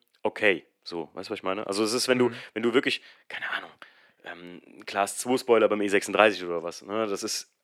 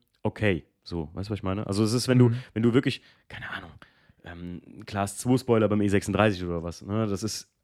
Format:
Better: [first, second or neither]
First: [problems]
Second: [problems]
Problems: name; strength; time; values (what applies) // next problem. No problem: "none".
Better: second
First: thin; somewhat; fading below 450 Hz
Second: none